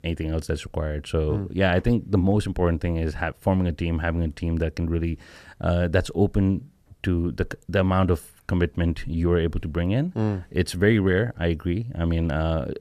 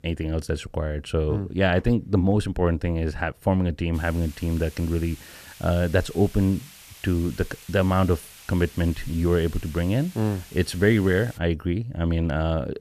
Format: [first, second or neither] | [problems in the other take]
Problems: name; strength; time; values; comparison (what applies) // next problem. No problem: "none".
first | hiss; faint; from 4 to 11 s; 20 dB below the speech